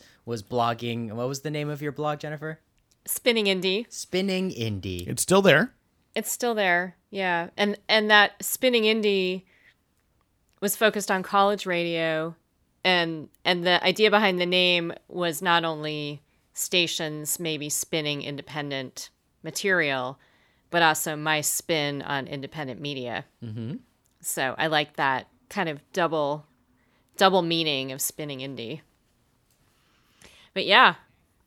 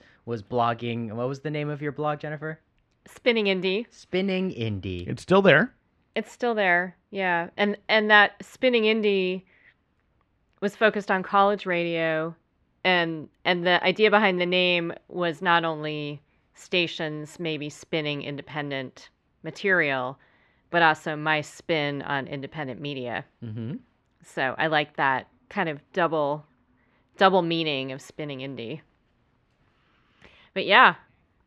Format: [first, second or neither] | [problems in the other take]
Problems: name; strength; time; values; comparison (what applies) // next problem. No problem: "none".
first | muffled; slightly; fading above 2.5 kHz